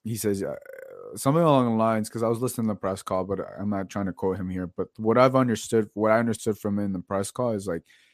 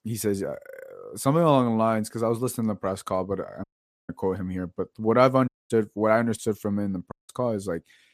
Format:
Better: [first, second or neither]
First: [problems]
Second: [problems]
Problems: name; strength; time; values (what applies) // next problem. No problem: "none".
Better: first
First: none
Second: audio cutting out; at 3.5 s, at 5.5 s and at 7 s